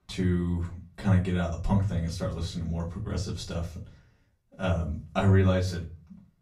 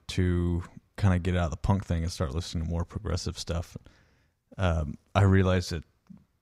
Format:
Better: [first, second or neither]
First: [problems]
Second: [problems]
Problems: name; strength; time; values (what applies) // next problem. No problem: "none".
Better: second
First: room echo; very slight; dies away in 0.3 s // off-mic speech; far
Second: none